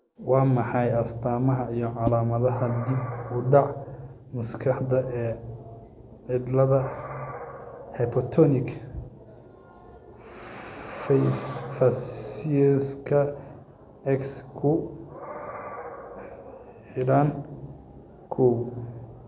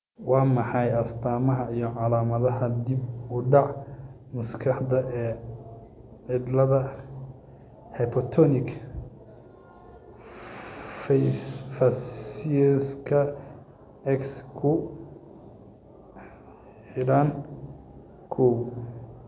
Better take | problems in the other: second | background sound (Whoosh, swoosh, swish + Animal); 17 dB below the speech

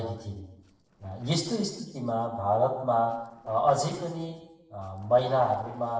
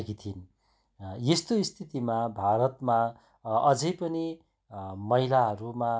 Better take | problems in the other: second | noise reduction (neural separator model SepFormer DNS4)

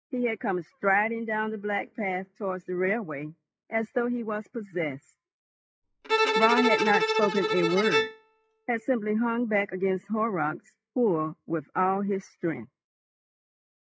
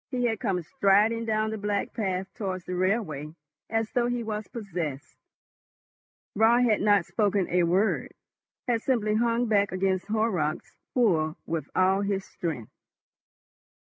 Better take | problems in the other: second | noise reduction (classical method log-MMSE)

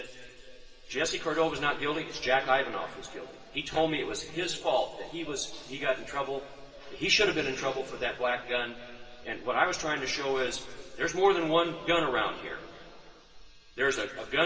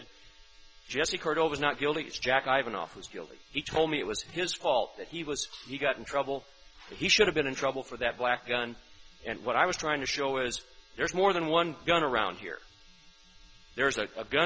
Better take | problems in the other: second | room echo; dies away in 2.8 s

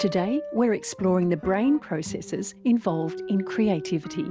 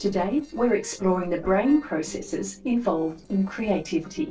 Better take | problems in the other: first | noise reduction (neural separator model SepFormer DNS4)

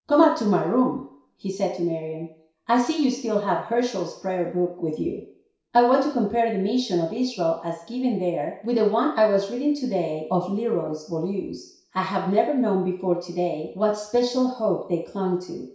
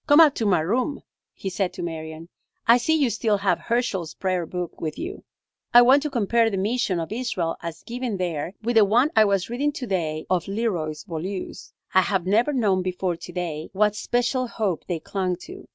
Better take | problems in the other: second | room echo; dies away in 0.6 s

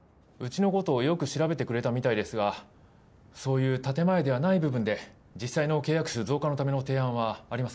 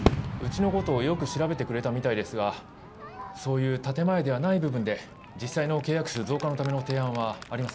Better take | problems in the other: first | background sound (Crowd / Fireworks); 8 dB below the speech

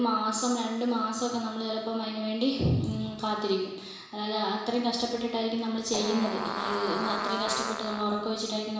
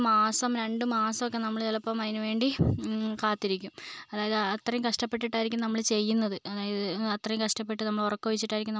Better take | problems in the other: second | background sound (Fart); 5 dB below the speech // room echo; dies away in 1 s

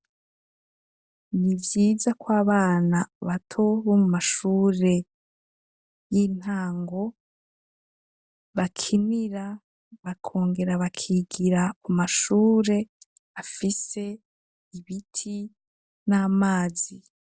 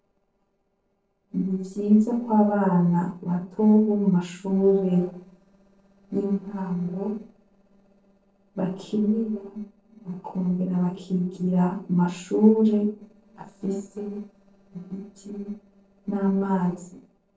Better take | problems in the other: first | noise reduction (neural separator model SepFormer DNS4)

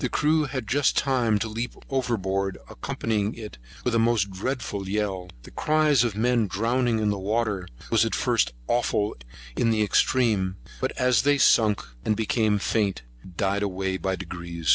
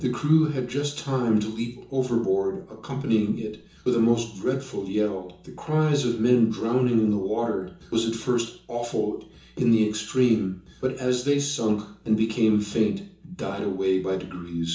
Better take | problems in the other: first | room echo; dies away in 0.6 s

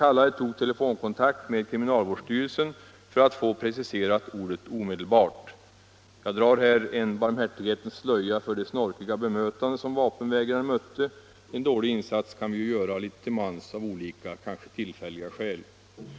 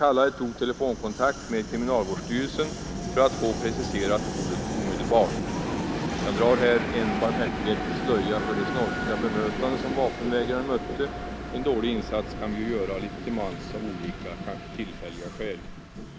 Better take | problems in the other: first | background sound (Train); 4 dB below the speech

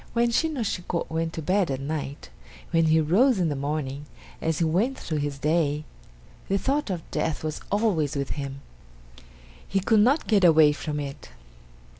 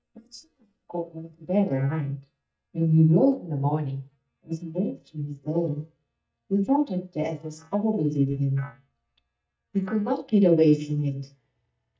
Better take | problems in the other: first | noise reduction (neural mask model DeepFilterNet 3)

